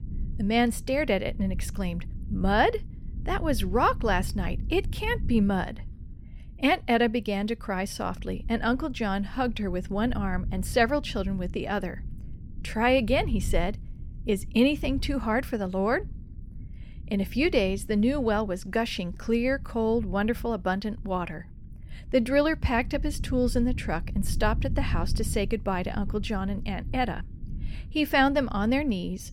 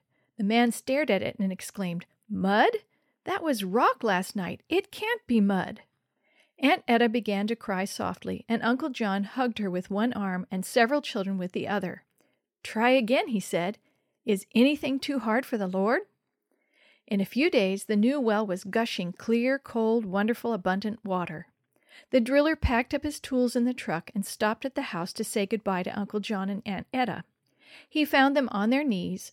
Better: second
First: low rumble; faint; throughout; 25 dB below the speech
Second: none

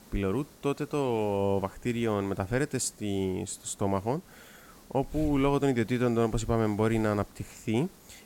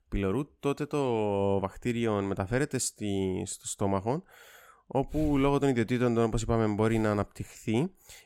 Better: second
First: hiss; faint; throughout; 25 dB below the speech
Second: none

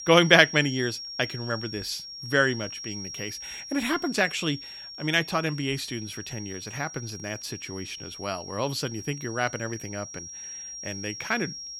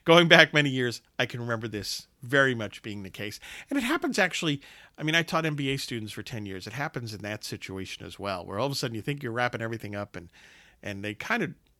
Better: second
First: high-pitched whine; noticeable; throughout; 5.5 kHz, 10 dB below the speech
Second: none

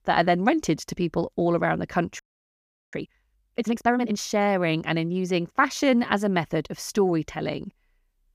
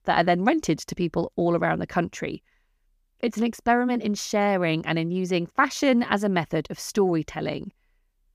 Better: second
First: audio freezing; at 2 s for 0.5 s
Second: none

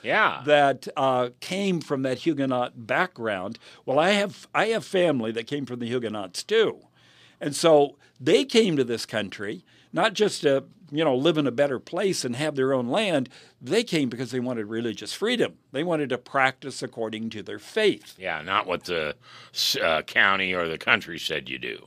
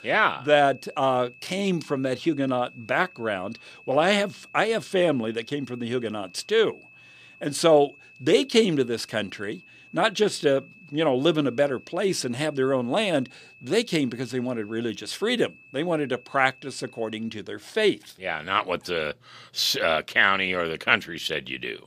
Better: first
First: none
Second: high-pitched whine; faint; until 17 s; 2.5 kHz, 25 dB below the speech

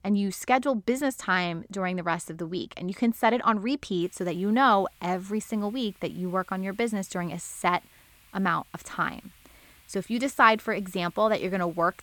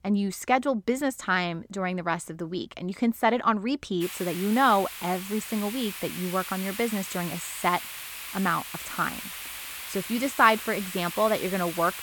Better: first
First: hiss; faint; from 4 s on; 30 dB below the speech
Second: hiss; loud; from 4 s on; 8 dB below the speech

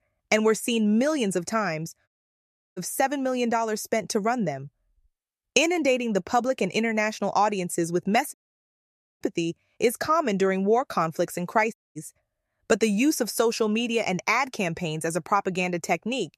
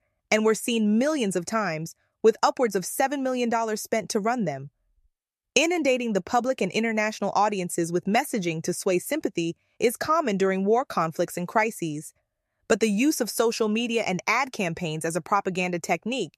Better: second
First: audio cutting out; at 2 s for 0.5 s, at 8.5 s for 1 s and at 12 s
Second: none

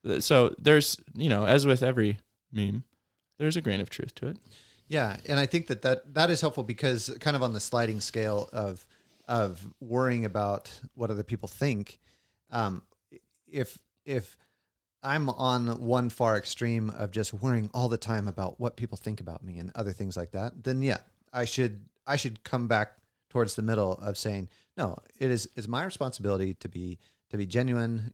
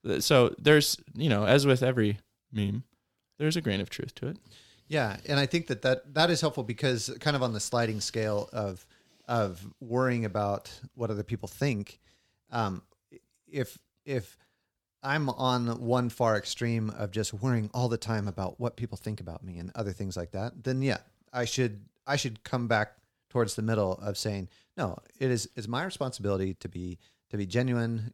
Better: second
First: garbled, watery; slightly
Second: none

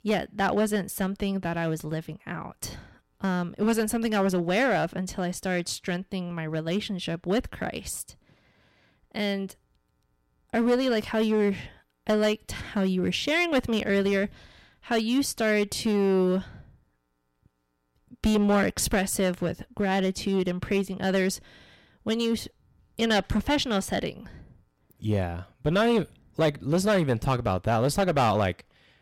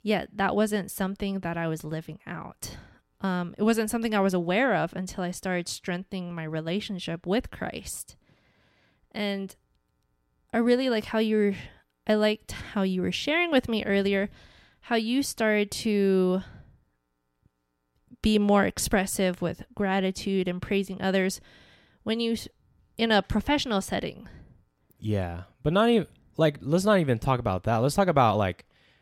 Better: second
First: distortion; slight; 4% of the sound clipped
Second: none

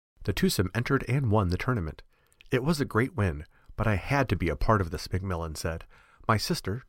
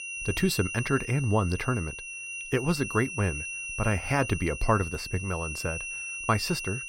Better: first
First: none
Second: high-pitched whine; loud; throughout; 2.5 kHz, 6 dB below the speech

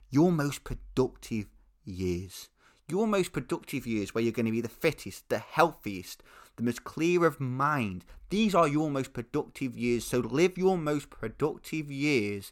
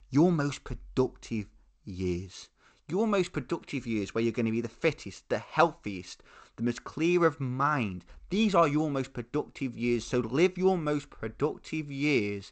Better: first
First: none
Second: garbled, watery; slightly; nothing above 8 kHz

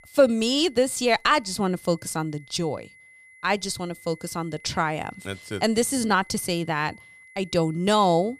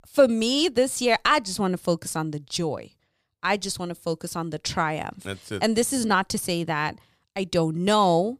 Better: second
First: high-pitched whine; faint; throughout; 2 kHz, 25 dB below the speech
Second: none

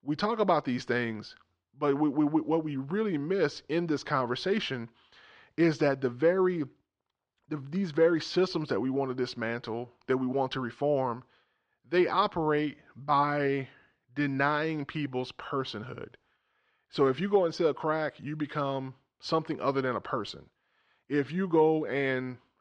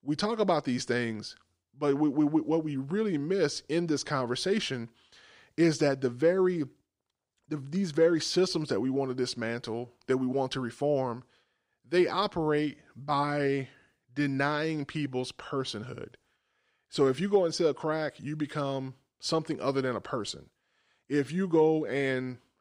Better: second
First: muffled; very slightly; fading above 3.5 kHz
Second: none

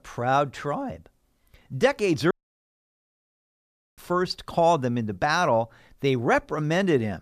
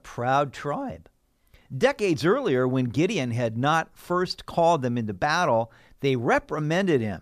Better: second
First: audio cutting out; at 2.5 s for 1.5 s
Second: none

